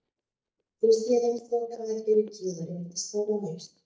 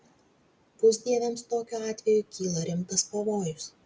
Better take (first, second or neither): second